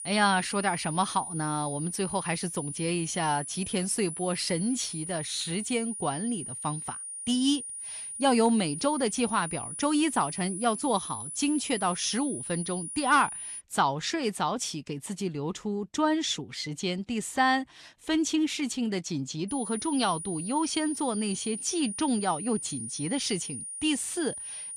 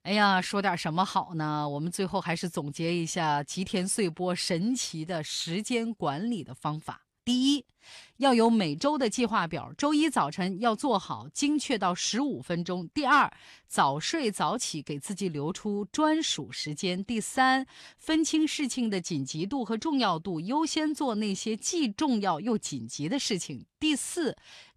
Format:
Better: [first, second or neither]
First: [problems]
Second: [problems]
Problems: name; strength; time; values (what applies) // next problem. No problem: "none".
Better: second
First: high-pitched whine; loud; until 14 s and from 19 s on; 9.5 kHz, 7 dB below the speech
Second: none